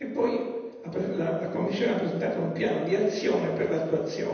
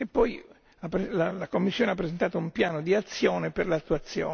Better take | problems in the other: second | room echo; dies away in 1.1 s

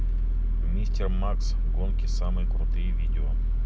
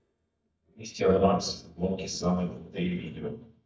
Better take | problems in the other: first | noise reduction (neural mask model DeepFilterNet 3)

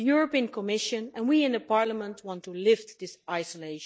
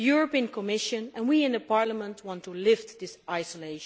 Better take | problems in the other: second | noise reduction (neural mask model DeepFilterNet 3)

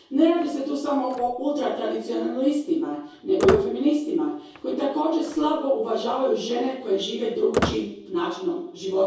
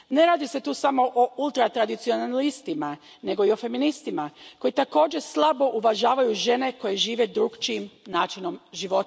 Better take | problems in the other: second | background sound (Squeak); 10 dB below the speech // room echo; dies away in 0.6 s

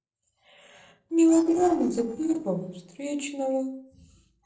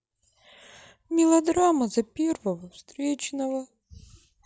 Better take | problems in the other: second | noise reduction (neural separator model SepFormer DNS4)

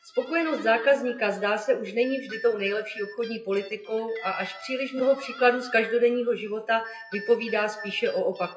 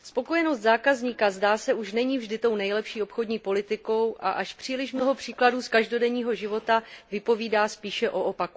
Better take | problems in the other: second | noise reduction (classical method WPE with log-MMSE)

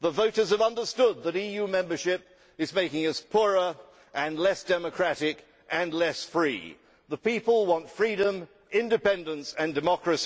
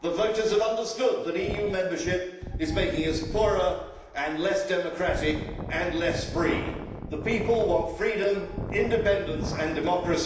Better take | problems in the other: first | background sound (Wind); 9 dB below the speech // room echo; dies away in 0.9 s

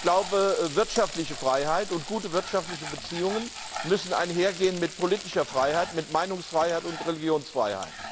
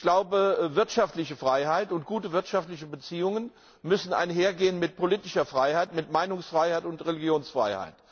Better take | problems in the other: second | background sound (Frying (food)); 11 dB below the speech

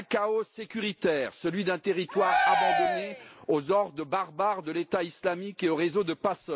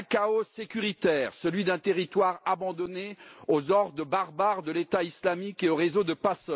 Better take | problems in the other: second | background sound (Cheering); 2 dB above the speech

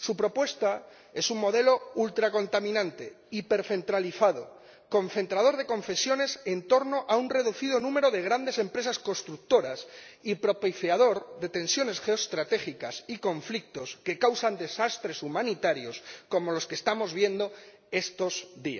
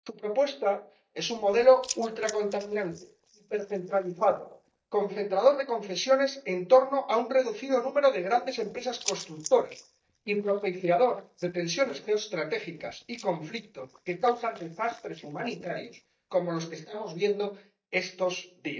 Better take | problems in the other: first | noise reduction (neural mask model DeepFilterNet 3)

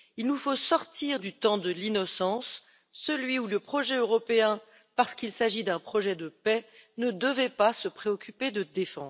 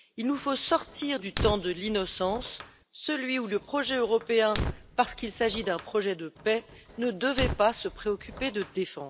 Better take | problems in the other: first | background sound (Fire); 9 dB below the speech

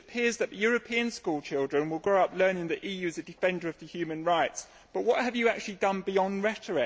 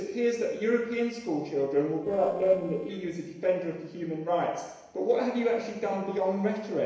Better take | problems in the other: first | noise reduction (neural separator model SepFormer DNS4)

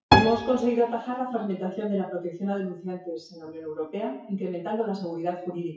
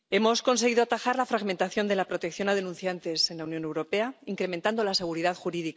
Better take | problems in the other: second | noise reduction (classical method WPE with log-MMSE)

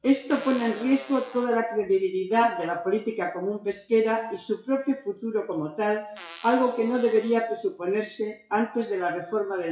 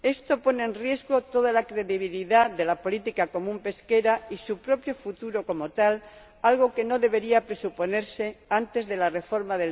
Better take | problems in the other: second | noise reduction (classical method WPE with log-MMSE)

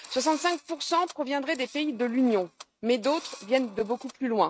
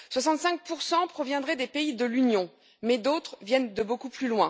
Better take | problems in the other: second | noise reduction (neural mask model RNNoise)

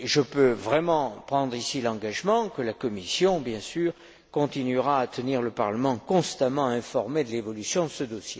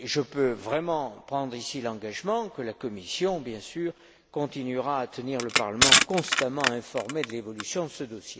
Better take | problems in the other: first | background sound (Crushing); 4 dB above the speech

